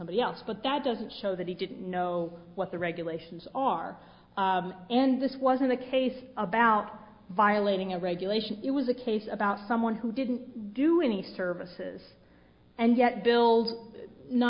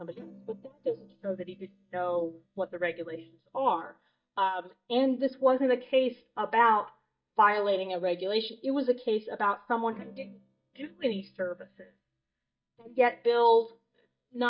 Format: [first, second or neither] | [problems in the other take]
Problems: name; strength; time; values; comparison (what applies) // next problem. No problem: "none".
first | noise reduction (neural mask model DeepFilterNet 3)